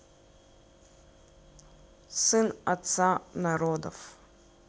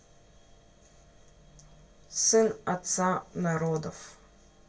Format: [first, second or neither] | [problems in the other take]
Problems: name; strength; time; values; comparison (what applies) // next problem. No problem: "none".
first | room echo; dies away in 0.1 s